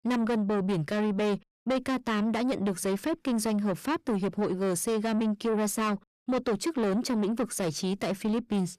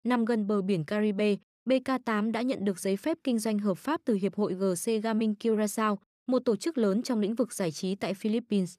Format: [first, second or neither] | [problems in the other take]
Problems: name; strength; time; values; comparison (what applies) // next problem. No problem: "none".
second | distortion; slight; 10 dB below the speech